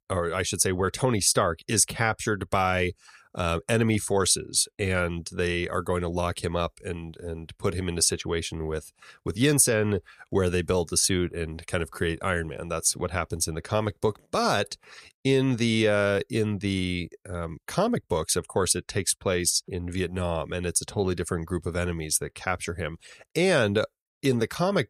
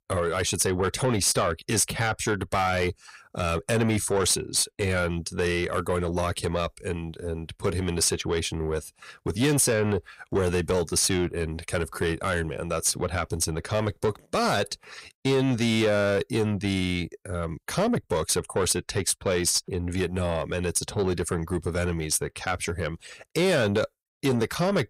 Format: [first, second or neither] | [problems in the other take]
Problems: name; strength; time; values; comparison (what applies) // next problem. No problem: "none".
first | distortion; slight; 10 dB below the speech